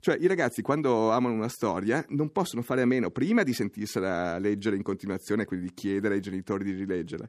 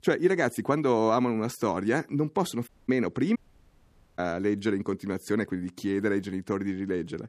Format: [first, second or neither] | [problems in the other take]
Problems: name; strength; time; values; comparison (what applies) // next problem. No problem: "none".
first | audio cutting out; at 2.5 s and at 3.5 s for 1 s